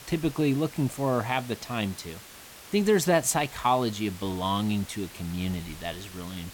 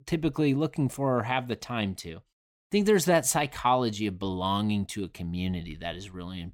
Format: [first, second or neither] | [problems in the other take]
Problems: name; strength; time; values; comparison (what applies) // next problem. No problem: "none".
second | hiss; noticeable; throughout; 15 dB below the speech